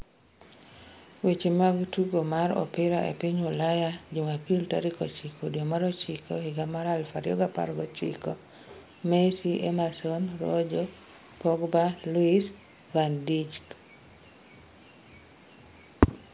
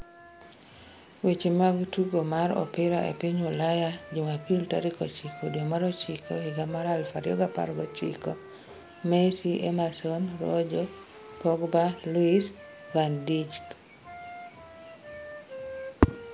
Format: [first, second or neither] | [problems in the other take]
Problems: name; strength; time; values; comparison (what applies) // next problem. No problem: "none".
first | background sound (Wind instrument, woodwind instrument); 17 dB below the speech